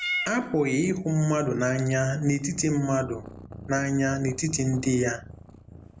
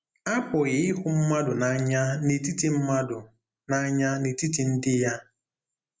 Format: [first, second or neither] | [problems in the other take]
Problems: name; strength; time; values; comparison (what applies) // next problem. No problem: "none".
second | background sound (Meow / Purr); 13 dB below the speech